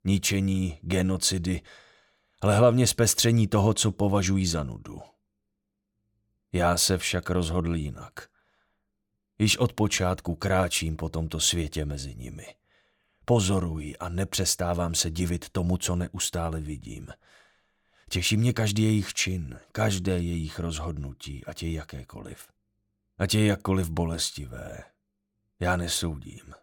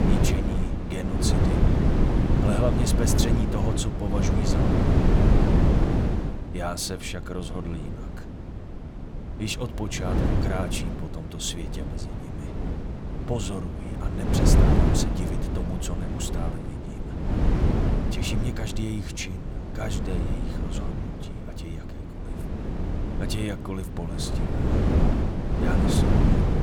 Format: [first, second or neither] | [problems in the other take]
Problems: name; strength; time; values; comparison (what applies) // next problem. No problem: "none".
first | wind noise on the microphone; heavy; 2 dB above the speech